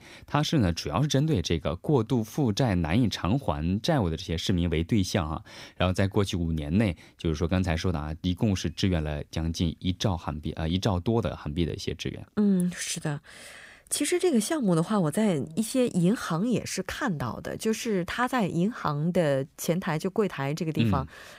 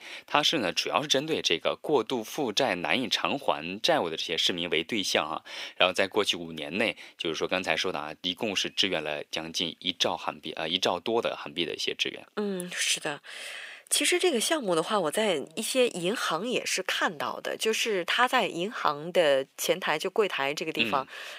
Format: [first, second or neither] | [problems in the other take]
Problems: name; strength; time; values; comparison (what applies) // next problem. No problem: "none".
first | thin; somewhat; fading below 500 Hz